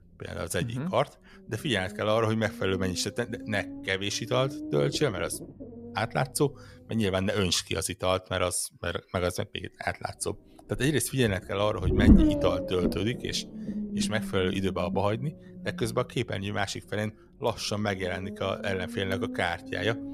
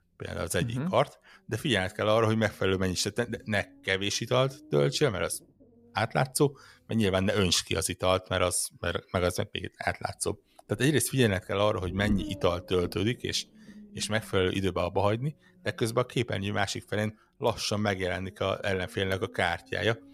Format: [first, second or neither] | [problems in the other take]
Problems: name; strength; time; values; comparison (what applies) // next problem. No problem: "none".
second | low rumble; loud; throughout; 7 dB below the speech; faint in the second